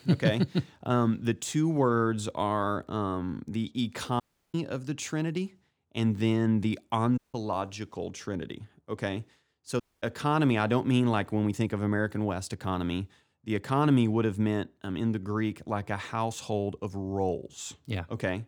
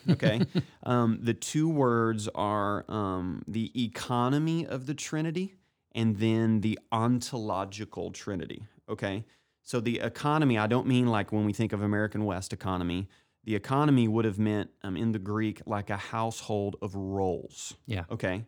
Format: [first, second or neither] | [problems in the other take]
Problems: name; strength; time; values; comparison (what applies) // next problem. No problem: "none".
second | audio cutting out; at 4 s, at 7 s and at 10 s